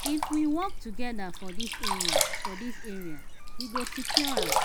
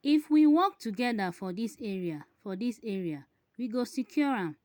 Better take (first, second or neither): second